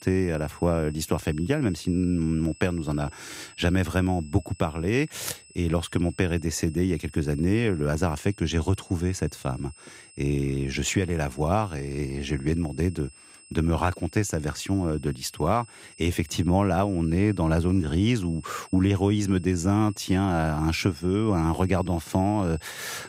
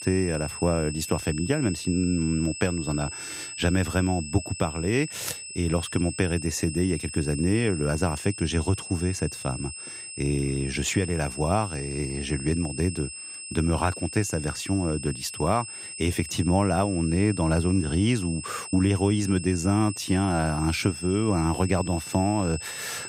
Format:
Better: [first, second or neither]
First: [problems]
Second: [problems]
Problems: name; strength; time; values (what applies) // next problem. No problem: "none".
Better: first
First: high-pitched whine; faint; throughout; 8 kHz, 25 dB below the speech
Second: high-pitched whine; loud; throughout; 8 kHz, 9 dB below the speech